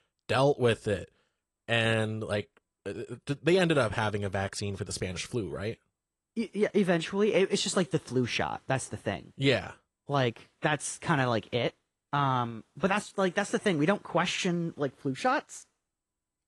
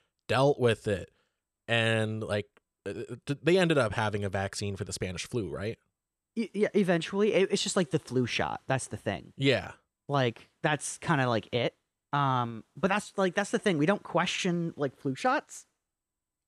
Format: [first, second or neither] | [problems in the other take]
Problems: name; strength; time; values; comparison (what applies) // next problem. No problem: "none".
second | garbled, watery; slightly